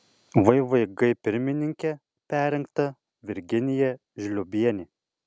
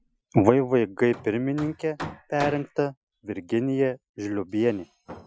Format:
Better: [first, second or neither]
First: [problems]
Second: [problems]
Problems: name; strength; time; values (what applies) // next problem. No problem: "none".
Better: first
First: none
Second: noise reduction (classical method Wiener filter)